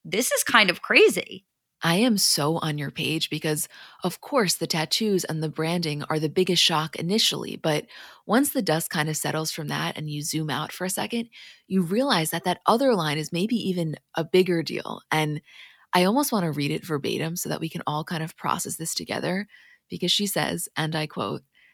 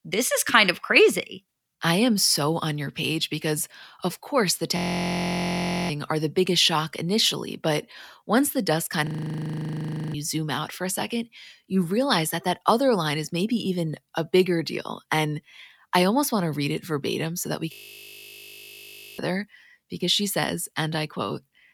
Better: first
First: none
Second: audio freezing; at 5 s for 1 s, at 9 s for 1 s and at 18 s for 1.5 s

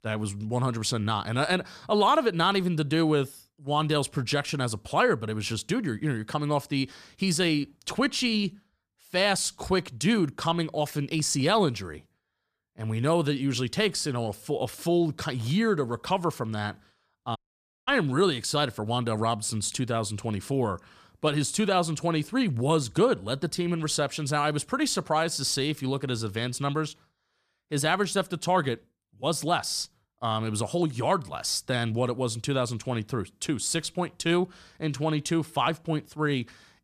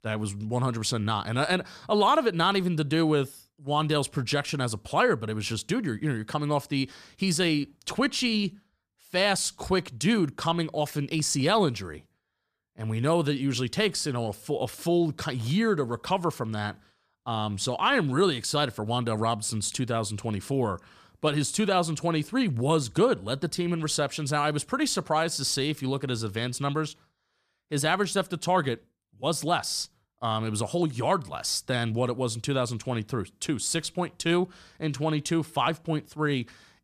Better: second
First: audio cutting out; at 17 s for 0.5 s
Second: none

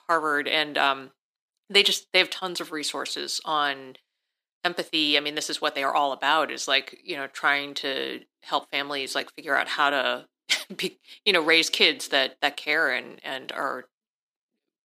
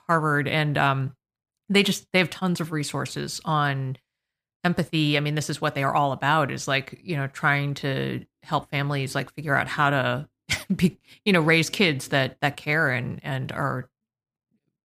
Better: second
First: thin; somewhat; fading below 300 Hz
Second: none

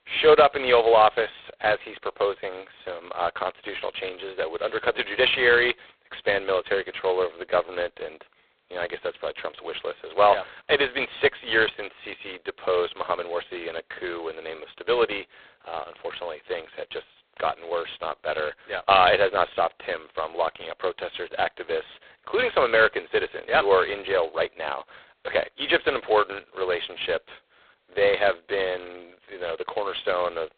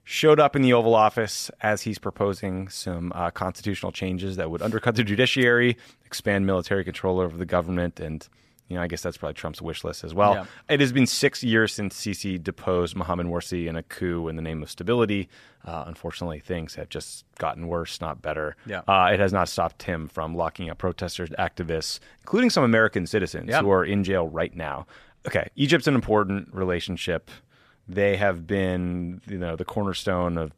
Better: second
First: phone-call audio; poor line; nothing above 4 kHz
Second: none

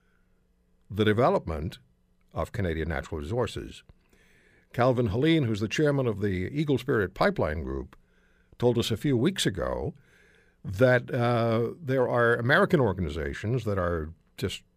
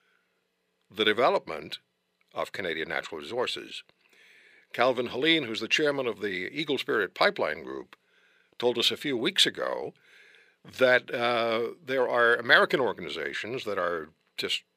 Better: first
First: none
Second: thin; somewhat; fading below 350 Hz

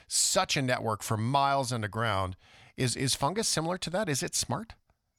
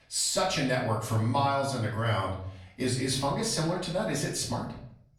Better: first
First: none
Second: off-mic speech; far // room echo; noticeable; dies away in 0.6 s

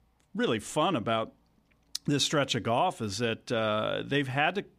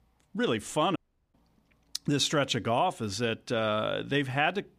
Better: first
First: none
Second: audio cutting out; at 1 s

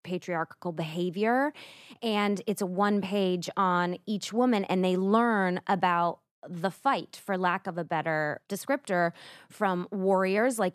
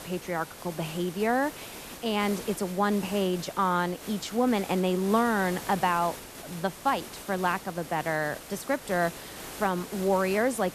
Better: first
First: none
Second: hiss; noticeable; throughout; 15 dB below the speech

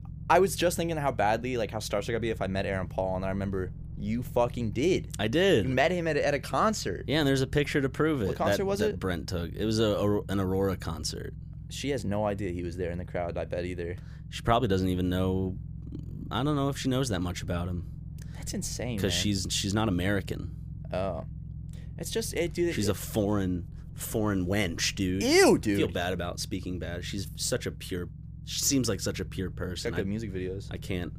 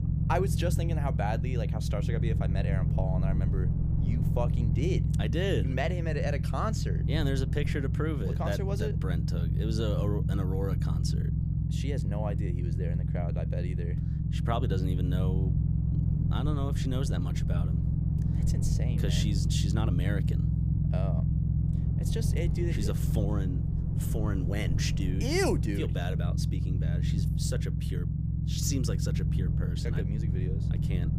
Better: first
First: low rumble; faint; throughout; 25 dB below the speech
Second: low rumble; loud; throughout; 4 dB below the speech

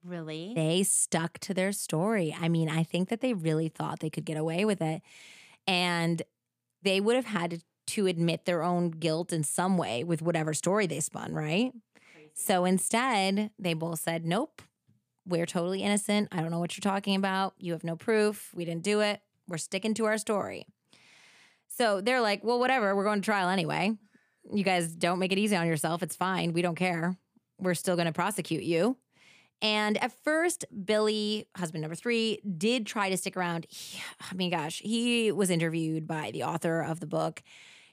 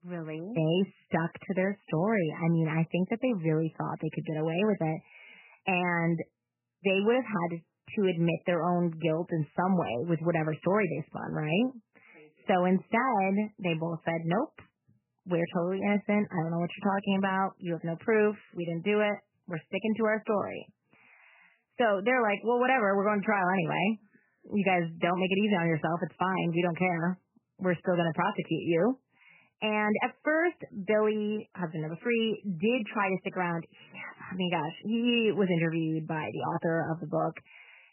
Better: first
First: none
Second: garbled, watery; badly; nothing above 3 kHz

